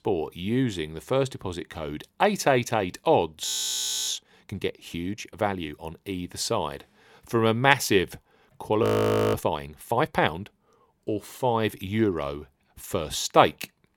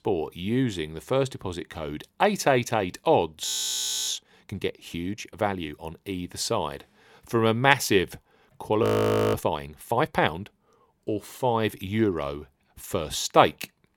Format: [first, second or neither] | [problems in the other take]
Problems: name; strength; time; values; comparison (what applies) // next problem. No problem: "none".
neither | audio freezing; at 3.5 s for 0.5 s and at 9 s for 0.5 s; the same in both